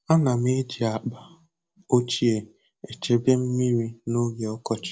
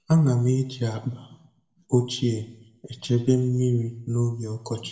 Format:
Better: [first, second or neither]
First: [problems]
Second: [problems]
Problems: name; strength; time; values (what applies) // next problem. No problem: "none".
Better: first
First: none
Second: room echo; dies away in 0.6 s